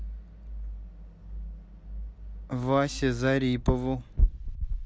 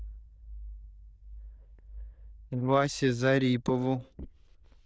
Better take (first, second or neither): first